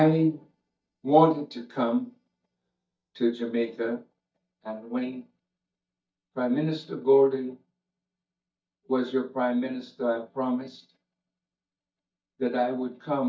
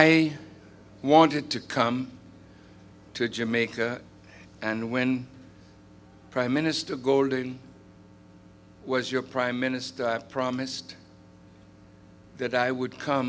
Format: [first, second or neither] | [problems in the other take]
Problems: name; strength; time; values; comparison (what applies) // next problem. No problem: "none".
second | noise reduction (neural mask model DeepFilterNet 3)